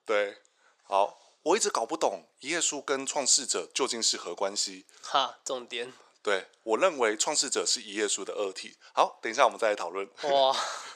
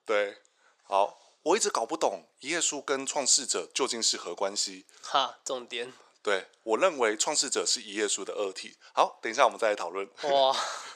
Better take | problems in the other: neither | thin; very; fading below 450 Hz; the same in both

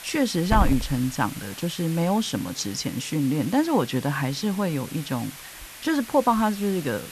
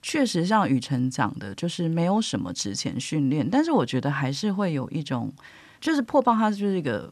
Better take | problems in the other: second | hiss; noticeable; throughout; 10 dB below the speech

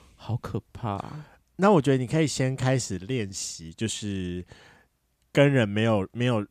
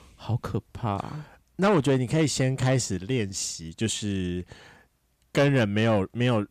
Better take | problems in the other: first | distortion; slight; 10 dB below the speech

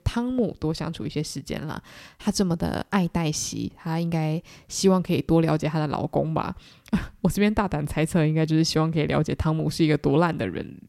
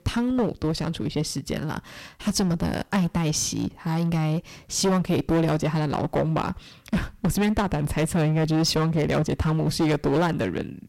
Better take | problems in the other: first | distortion; heavy; 13% of the sound clipped

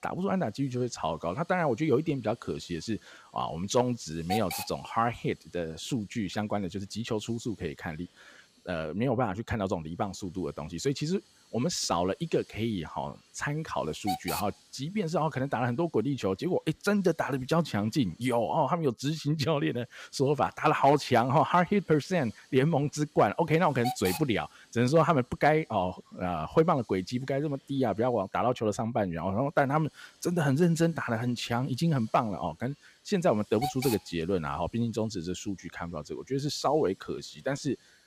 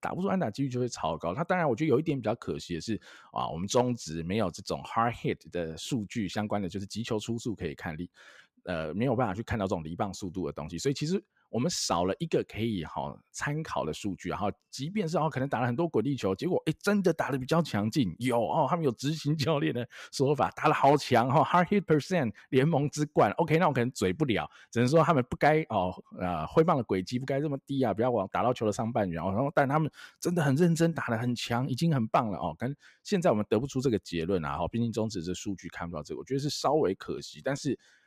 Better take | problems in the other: second | hiss; loud; throughout; 10 dB below the speech

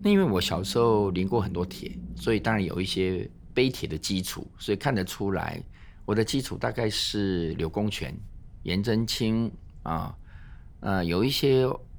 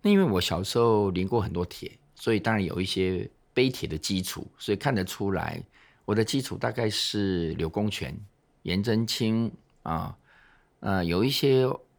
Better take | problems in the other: second | low rumble; faint; throughout; 20 dB below the speech

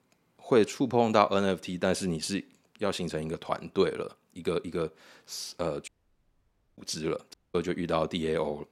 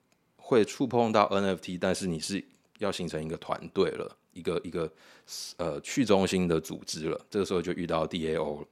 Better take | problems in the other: second | audio cutting out; at 6 s for 1 s and at 7.5 s

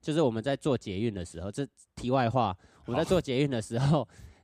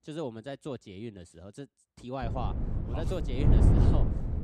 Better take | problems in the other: first | wind noise on the microphone; heavy; from 2 s on; 1 dB above the speech

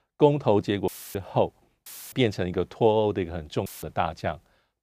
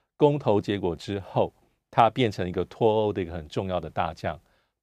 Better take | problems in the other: second | audio cutting out; filled with static; at 1 s, at 2 s and at 3.5 s

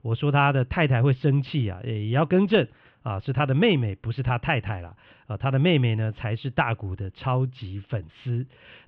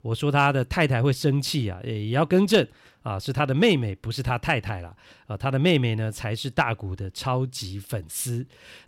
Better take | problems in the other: second | muffled; very; fading above 3 kHz

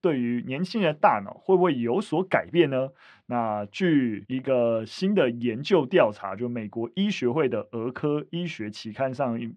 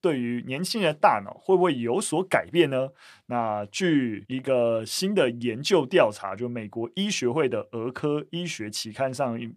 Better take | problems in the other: second | muffled; slightly; fading above 3 kHz

